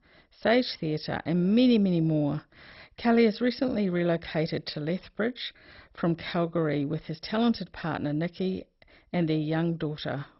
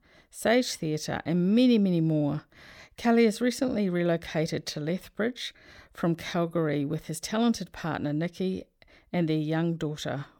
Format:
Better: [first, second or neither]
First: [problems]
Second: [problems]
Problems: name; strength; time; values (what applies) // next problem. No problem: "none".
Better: second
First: garbled, watery; badly; nothing above 5.5 kHz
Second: none